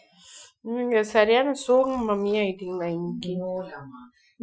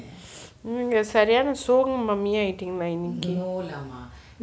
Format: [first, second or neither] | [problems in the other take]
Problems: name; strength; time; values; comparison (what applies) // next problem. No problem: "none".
second | noise reduction (classical method Wiener filter)